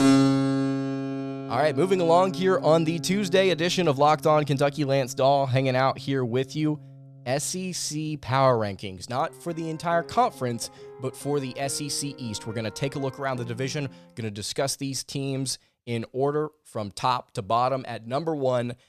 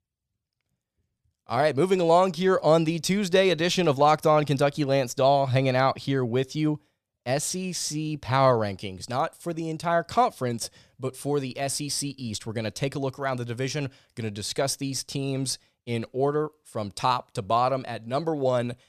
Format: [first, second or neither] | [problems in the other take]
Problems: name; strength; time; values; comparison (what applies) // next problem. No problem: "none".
second | background music; loud; until 14 s; 6 dB below the speech